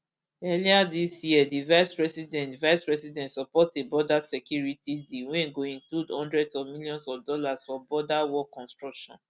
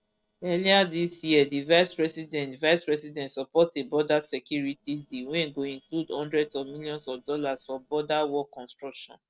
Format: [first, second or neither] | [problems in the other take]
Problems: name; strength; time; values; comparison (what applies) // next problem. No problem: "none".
first | noise reduction (neural separator model SepFormer DNS4)